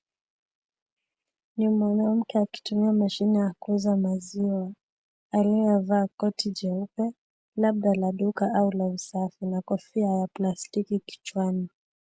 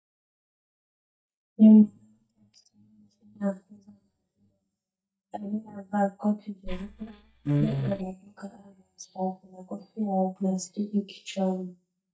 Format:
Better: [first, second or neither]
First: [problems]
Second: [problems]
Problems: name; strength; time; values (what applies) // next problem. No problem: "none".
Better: first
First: none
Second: noise reduction (neural mask model DeepFilterNet 3)